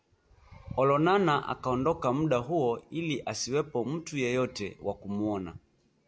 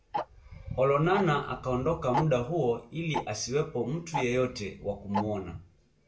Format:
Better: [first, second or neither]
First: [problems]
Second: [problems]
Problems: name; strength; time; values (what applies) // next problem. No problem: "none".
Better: first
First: none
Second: background sound (Tick-tock); 10 dB below the speech // room echo; dies away in 0.3 s